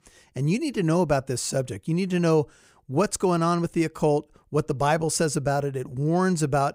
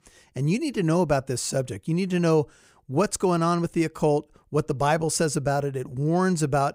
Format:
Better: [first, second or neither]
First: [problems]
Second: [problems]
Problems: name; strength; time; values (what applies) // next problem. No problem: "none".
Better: neither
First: none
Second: none